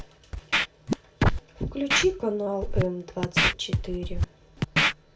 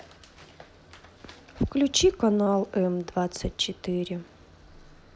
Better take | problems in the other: second | background sound (Scratching (performance technique)); 4 dB above the speech // room echo; dies away in 0.2 s

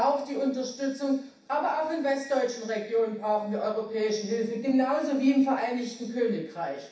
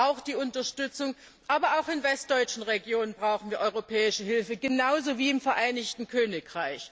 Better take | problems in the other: second | room echo; dies away in 0.7 s

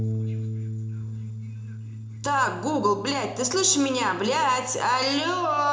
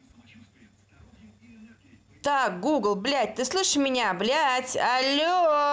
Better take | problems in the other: second | background sound (Bass guitar); 8 dB below the speech // room echo; dies away in 0.8 s

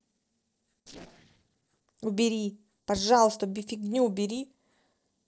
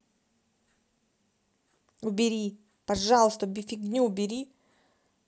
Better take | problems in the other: second | noise reduction (neural separator model SepFormer DNS4)

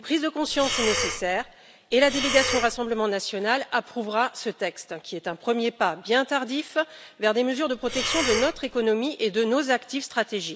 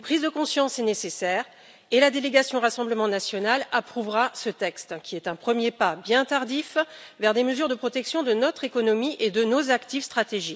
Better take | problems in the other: second | background sound (Breathing); 4 dB below the speech

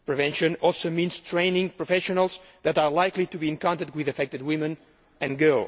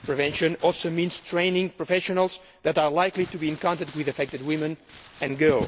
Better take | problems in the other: first | background sound (Crumpling, crinkling); 18 dB below the speech

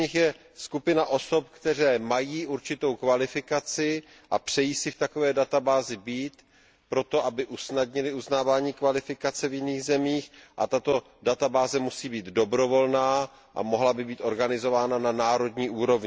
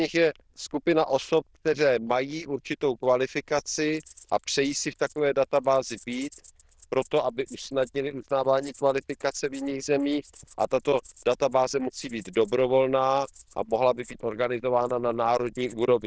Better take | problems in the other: first | noise reduction (neural diffusion model UNIVERSE++)

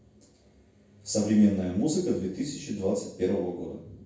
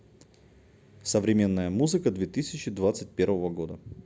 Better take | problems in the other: second | room echo; dies away in 0.7 s

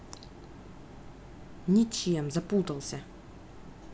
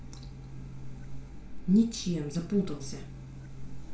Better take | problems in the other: first | background sound (Boom); 16 dB below the speech // room echo; dies away in 0.3 s

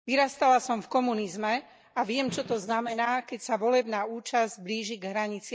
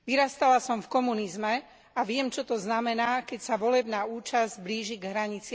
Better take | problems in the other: second | noise reduction (neural mask model DeepFilterNet 3)

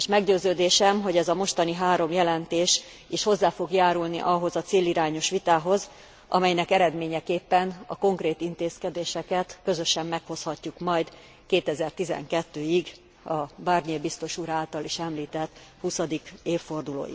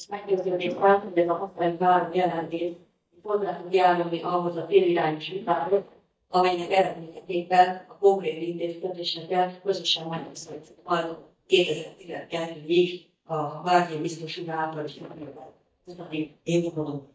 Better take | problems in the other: first | noise reduction (neural mask model DeepFilterNet 3)

